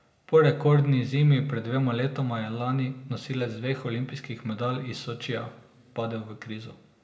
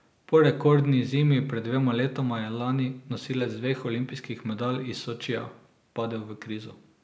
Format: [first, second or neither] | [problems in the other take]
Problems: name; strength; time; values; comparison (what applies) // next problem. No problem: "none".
second | room echo; dies away in 1.8 s